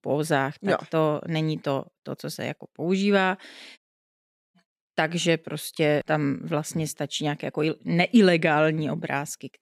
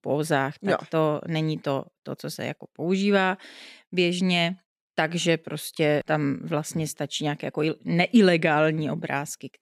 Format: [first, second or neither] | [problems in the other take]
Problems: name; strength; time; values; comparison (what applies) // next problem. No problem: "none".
second | audio cutting out; at 4 s for 1 s